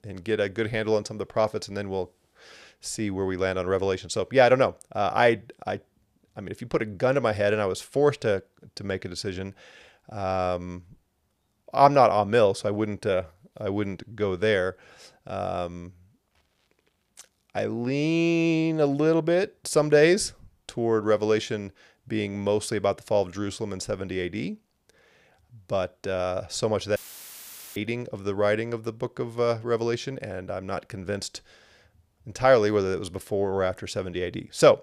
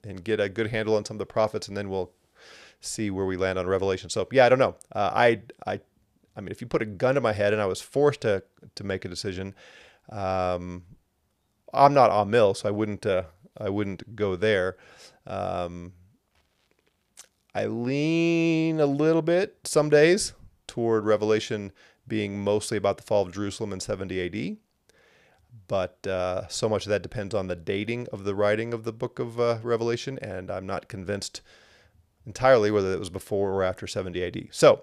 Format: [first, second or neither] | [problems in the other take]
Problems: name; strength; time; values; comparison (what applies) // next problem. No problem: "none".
second | audio cutting out; filled with static; at 27 s for 1 s